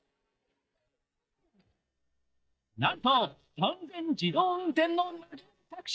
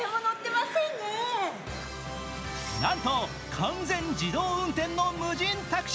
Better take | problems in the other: second | noise reduction (neural mask model DeepFilterNet 3)

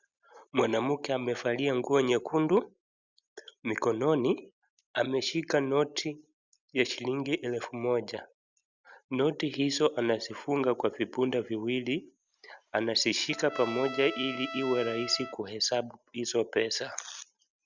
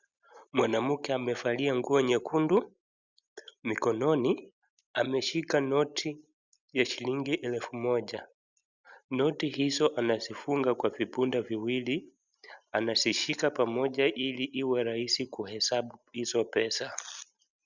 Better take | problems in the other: second | background sound (Trumpet); 12 dB below the speech

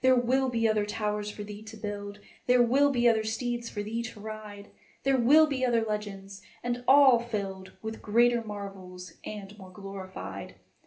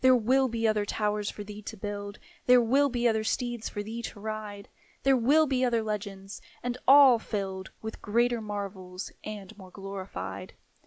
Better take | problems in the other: second | room echo; dies away in 0.3 s

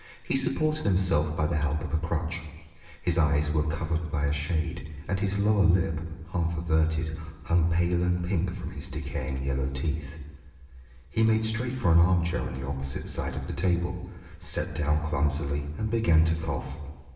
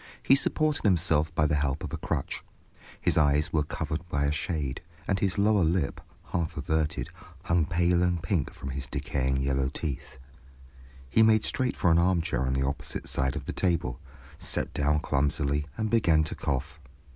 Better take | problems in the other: second | room echo; dies away in 1.2 s

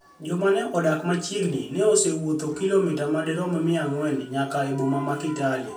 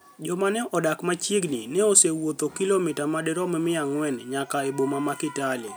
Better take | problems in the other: second | room echo; dies away in 0.4 s

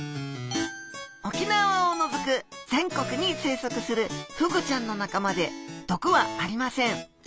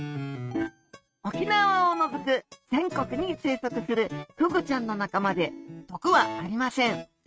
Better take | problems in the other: first | noise reduction (neural mask model RNNoise)

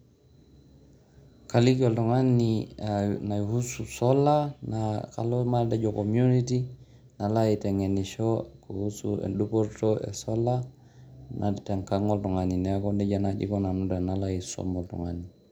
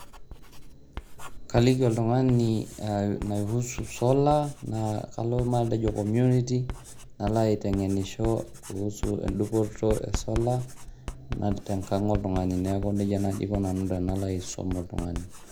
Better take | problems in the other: first | background sound (Writing); 11 dB below the speech

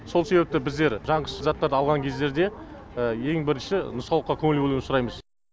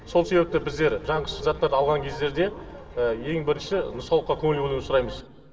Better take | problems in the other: first | room echo; dies away in 2.3 s

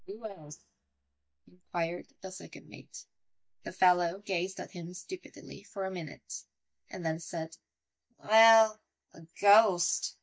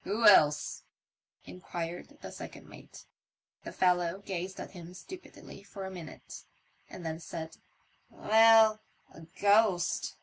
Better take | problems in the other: second | noise reduction (neural mask model DeepFilterNet 3)

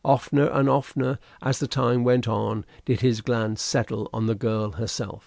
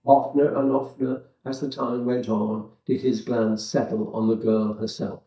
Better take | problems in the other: first | noise reduction (neural mask model DeepFilterNet 3)

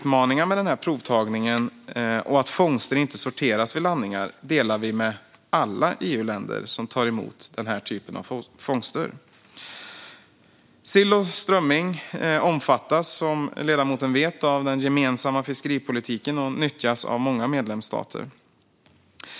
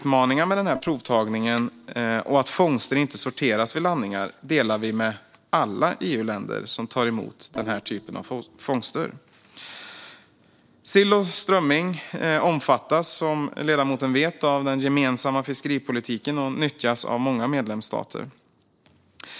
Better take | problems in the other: first | noise reduction (neural separator model SepFormer DNS4)

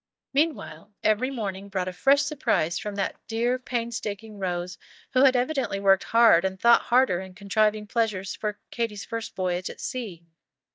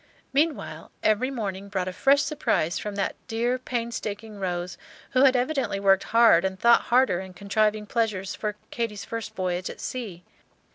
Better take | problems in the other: second | noise reduction (neural mask model DeepFilterNet 3)

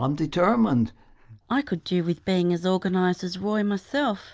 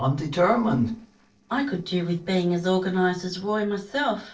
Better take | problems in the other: first | noise reduction (neural separator model SepFormer DNS4)

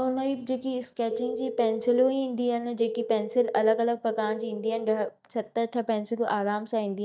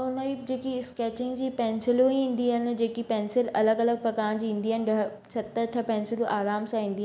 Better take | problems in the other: second | noise reduction (neural mask model DeepFilterNet 3)

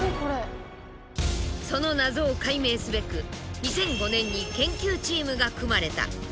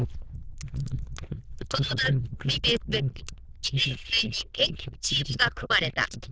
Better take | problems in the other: first | noise reduction (neural diffusion model UNIVERSE++)

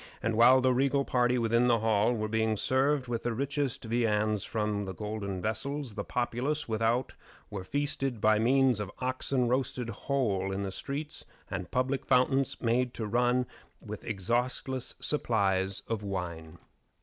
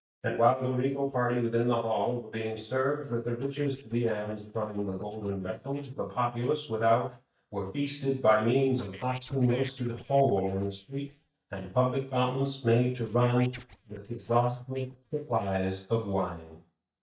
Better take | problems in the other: first | noise reduction (neural mask model DeepFilterNet 3)

